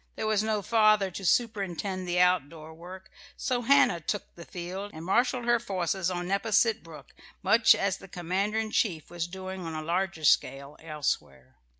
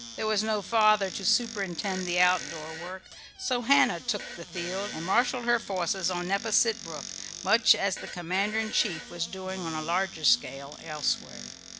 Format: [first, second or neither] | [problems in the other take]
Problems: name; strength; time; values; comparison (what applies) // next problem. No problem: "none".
first | background sound (Fart + Squeak / Cupboard open or close); 12 dB below the speech